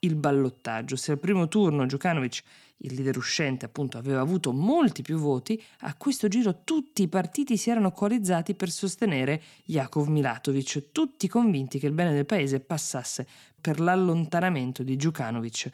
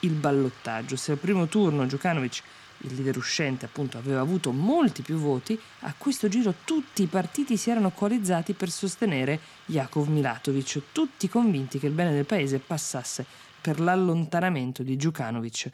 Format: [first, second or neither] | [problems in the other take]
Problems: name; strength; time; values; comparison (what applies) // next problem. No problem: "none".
first | household noises; faint; throughout; 20 dB below the speech